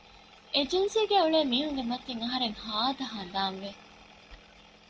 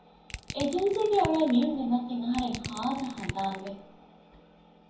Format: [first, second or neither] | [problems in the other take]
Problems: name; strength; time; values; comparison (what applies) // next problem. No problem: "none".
first | background sound (Crushing); 12 dB below the speech // room echo; dies away in 0.6 s